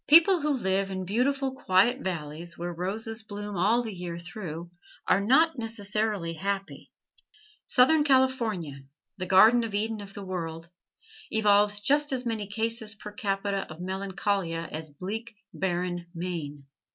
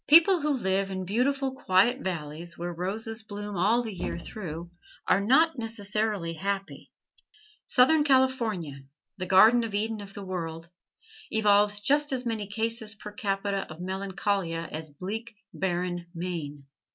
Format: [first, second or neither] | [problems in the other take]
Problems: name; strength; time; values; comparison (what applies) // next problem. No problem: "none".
first | background sound (Thump, thud); 11 dB below the speech